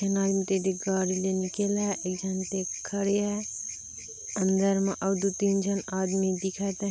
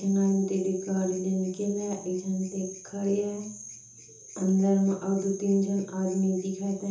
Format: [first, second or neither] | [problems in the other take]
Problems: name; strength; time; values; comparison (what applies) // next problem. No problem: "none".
first | room echo; dies away in 0.6 s